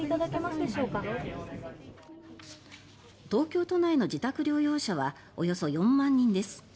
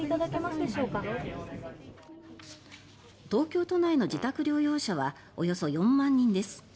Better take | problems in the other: first | background sound (Fart); 20 dB below the speech

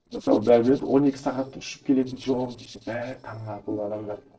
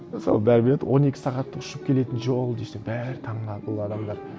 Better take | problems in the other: second | noise reduction (neural separator model SepFormer DNS4)

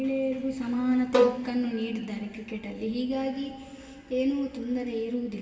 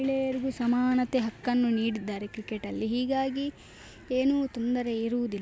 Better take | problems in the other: second | background sound (Bowed string instrument); as loud as the speech // room echo; dies away in 2.4 s

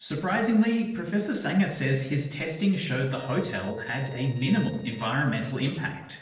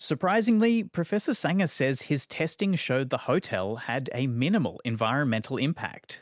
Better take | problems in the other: second | noise reduction (neural separator model SepFormer DNS4)

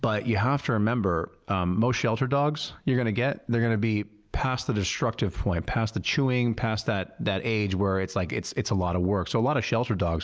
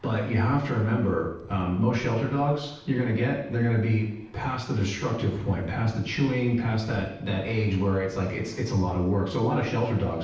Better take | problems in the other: first | noise reduction (neural separator model SepFormer DNS4)

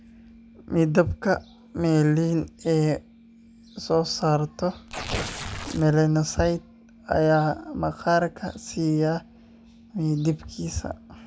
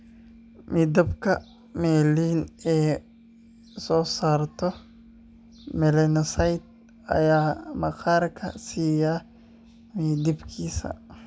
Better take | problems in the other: second | background sound (Tearing); 8 dB below the speech

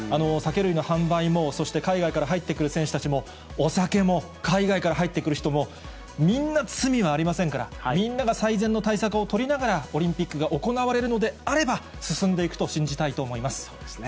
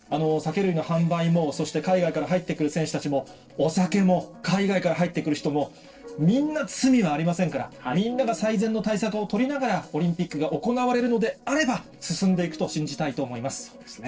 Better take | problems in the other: first | noise reduction (neural separator model SepFormer DNS4)

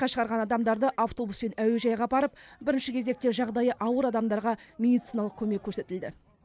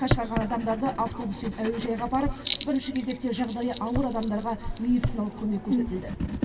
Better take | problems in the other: first | background sound (Writing); 3 dB below the speech // room echo; dies away in 1.4 s

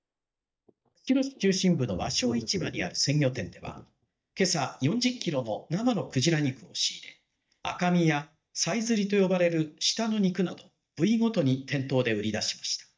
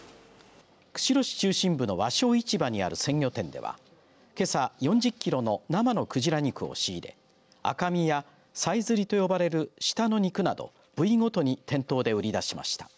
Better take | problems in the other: second | noise reduction (neural mask model DeepFilterNet 3)

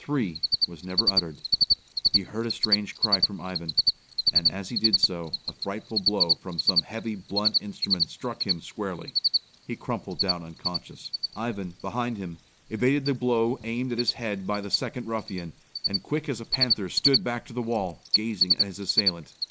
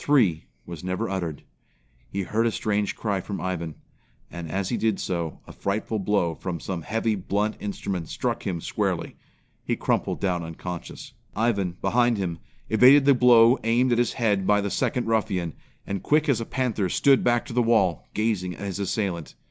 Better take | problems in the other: second | noise reduction (neural mask model Resemble Enhance denoiser)

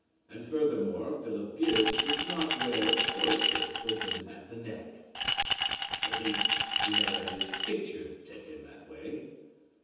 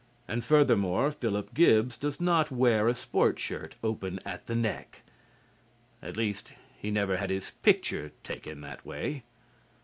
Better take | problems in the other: second | background sound (Glass); 4 dB above the speech // room echo; dies away in 1.1 s

